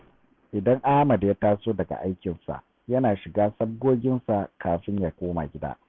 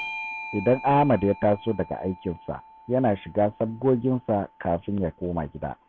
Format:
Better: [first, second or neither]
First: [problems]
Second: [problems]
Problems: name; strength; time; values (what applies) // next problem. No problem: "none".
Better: first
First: none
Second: background sound (Bell / Doorbell); 16 dB below the speech